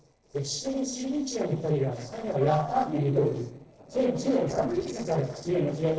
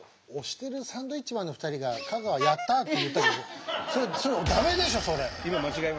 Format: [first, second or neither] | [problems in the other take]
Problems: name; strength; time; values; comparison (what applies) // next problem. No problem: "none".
second | noise reduction (neural separator model SepFormer DNS4)